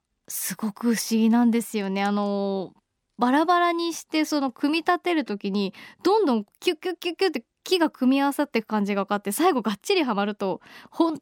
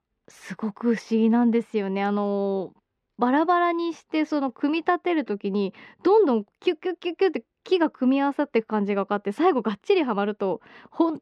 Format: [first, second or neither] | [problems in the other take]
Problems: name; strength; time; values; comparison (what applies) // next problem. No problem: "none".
first | muffled; slightly; fading above 2.5 kHz